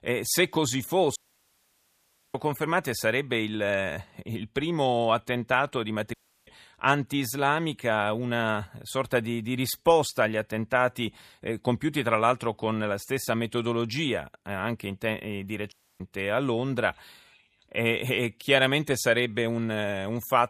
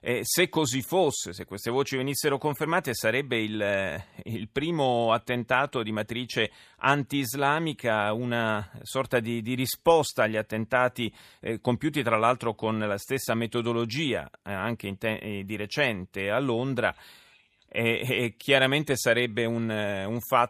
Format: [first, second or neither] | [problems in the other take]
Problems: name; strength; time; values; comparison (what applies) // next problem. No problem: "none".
second | audio cutting out; at 1 s for 1 s, at 6 s and at 16 s